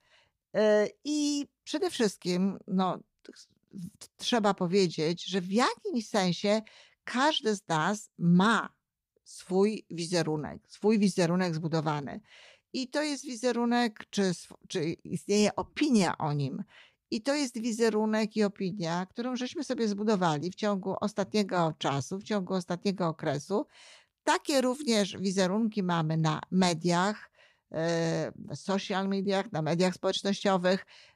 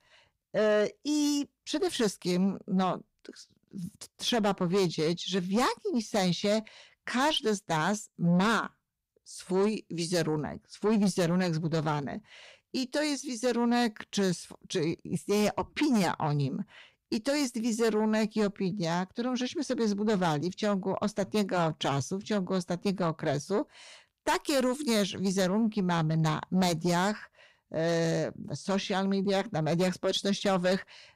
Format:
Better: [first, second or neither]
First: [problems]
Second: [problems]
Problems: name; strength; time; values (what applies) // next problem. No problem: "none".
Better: first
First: none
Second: distortion; slight; 10 dB below the speech